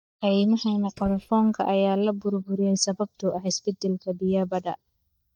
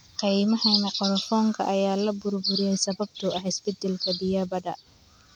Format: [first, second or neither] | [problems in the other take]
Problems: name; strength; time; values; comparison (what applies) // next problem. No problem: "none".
second | noise reduction (neural mask model DeepFilterNet 3)